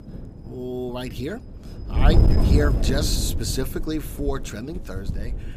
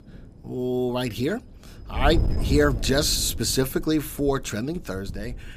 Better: second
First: wind noise on the microphone; heavy; 4 dB below the speech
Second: wind noise on the microphone; occasional gusts; 15 dB below the speech

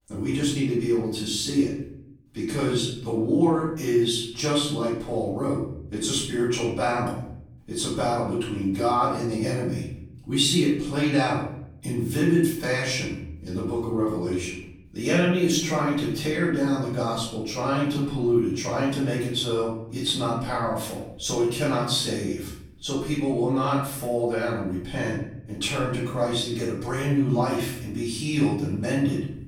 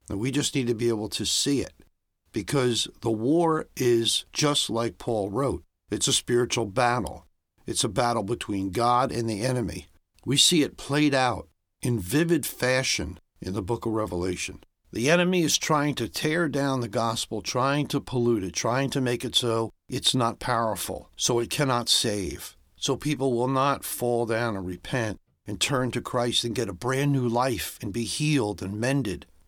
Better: second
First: room echo; noticeable; dies away in 0.8 s // off-mic speech; far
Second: none

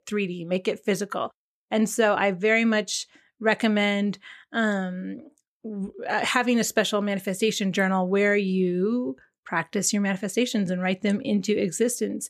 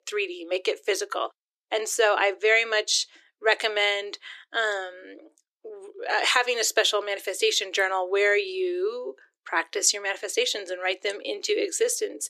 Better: first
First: none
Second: thin; very; fading below 300 Hz

